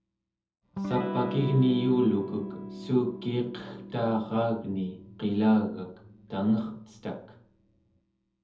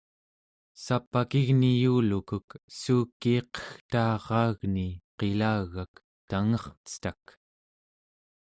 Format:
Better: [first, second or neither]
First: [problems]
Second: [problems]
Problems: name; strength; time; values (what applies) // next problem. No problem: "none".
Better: second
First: background sound (Electric guitar / Strum); 11 dB below the speech // room echo; dies away in 0.7 s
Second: none